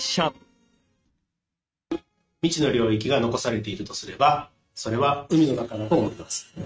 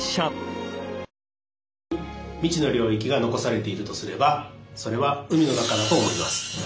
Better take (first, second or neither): second